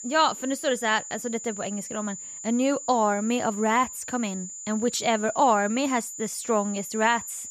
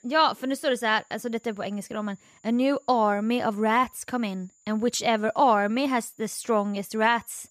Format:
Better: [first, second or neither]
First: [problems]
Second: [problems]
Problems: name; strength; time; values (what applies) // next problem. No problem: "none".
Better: second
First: high-pitched whine; loud; throughout; 7 kHz, 10 dB below the speech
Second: high-pitched whine; faint; throughout; 7 kHz, 35 dB below the speech